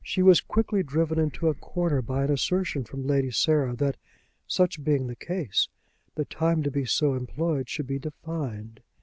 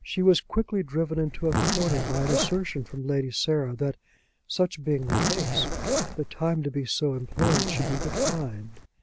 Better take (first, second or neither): first